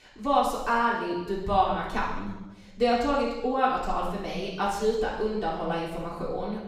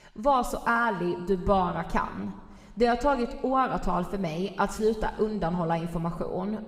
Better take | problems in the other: second | room echo; strong; dies away in 0.9 s; slight in the second // off-mic speech; far

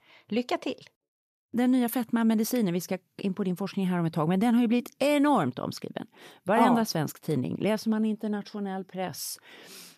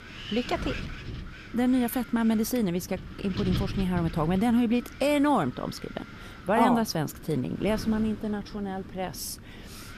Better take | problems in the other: first | wind noise on the microphone; occasional gusts; 15 dB below the speech

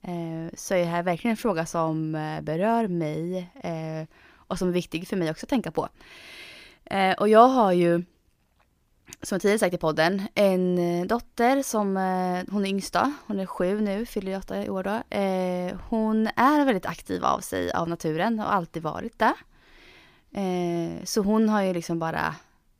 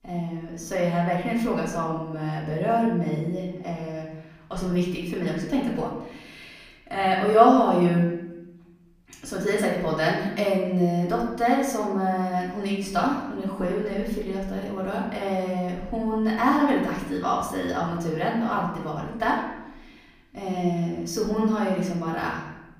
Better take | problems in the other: first | off-mic speech; far // room echo; noticeable; dies away in 0.9 s

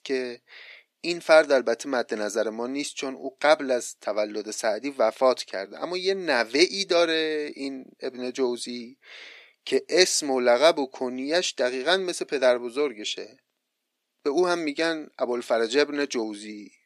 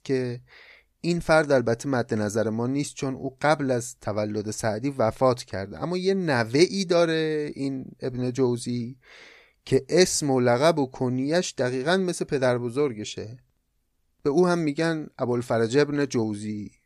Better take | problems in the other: second | thin; somewhat; fading below 250 Hz

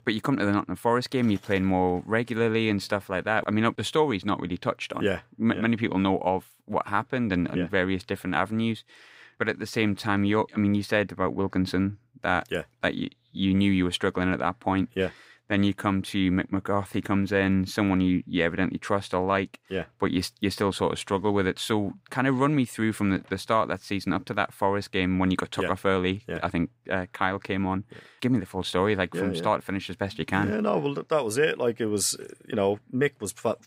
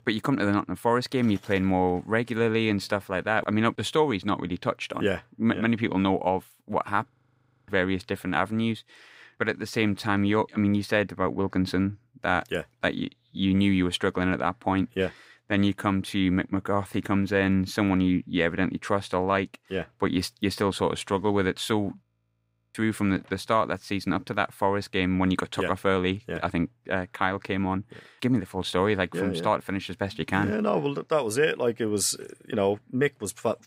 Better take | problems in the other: first | audio freezing; at 7 s for 0.5 s and at 22 s for 0.5 s

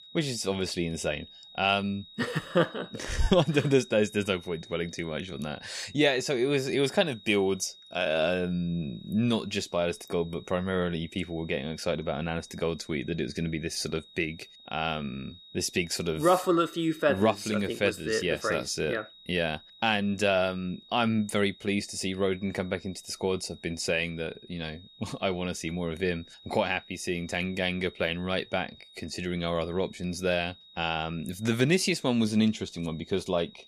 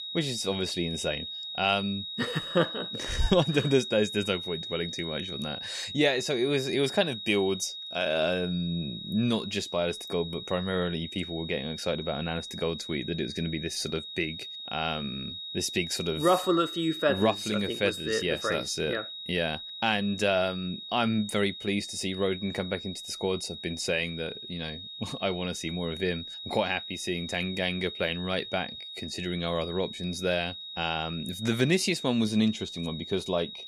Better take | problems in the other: first | high-pitched whine; loud; throughout; 4 kHz, 7 dB below the speech; faint in the first

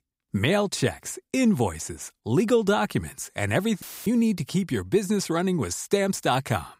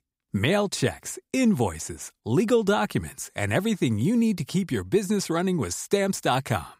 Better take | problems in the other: second | audio cutting out; filled with static; at 4 s

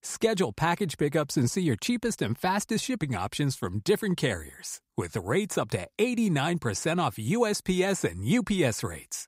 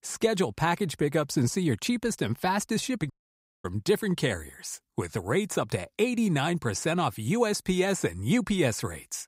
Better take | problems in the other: first | audio cutting out; at 3 s for 0.5 s

